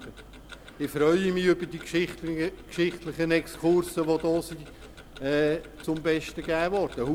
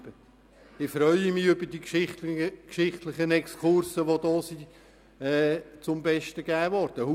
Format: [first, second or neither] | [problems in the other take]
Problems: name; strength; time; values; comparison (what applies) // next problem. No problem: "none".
second | background sound (Tick-tock); 18 dB below the speech